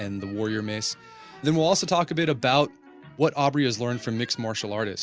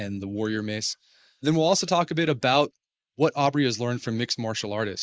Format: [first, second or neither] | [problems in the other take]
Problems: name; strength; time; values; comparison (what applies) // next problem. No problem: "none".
first | noise reduction (neural mask model Resemble Enhance denoiser)